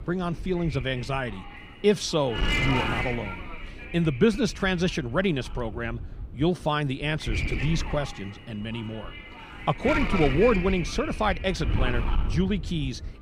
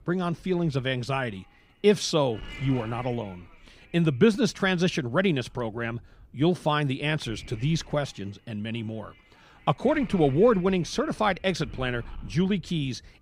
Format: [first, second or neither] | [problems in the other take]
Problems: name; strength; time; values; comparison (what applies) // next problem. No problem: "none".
second | wind noise on the microphone; heavy; 4 dB below the speech; occasional gusts in the second